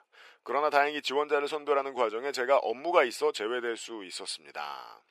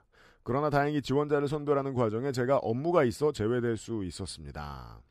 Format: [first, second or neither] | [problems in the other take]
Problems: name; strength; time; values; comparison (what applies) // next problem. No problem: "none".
second | thin; very; fading below 450 Hz